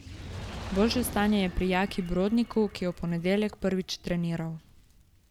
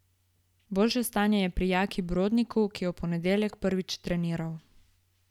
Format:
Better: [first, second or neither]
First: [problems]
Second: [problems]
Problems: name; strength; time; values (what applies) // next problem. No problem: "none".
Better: second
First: background sound (Fire); 14 dB below the speech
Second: none